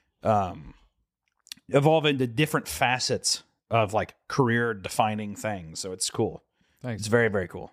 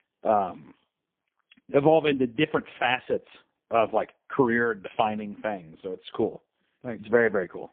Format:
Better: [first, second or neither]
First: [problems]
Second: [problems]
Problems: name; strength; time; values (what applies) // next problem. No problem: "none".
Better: first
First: none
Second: phone-call audio; poor line; nothing above 3.5 kHz